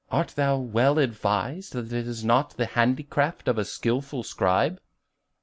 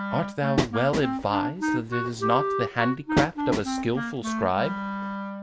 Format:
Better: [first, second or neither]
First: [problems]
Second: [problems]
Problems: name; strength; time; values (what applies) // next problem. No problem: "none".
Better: first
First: none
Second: background sound (Wind instrument, woodwind instrument + Train); 1 dB below the speech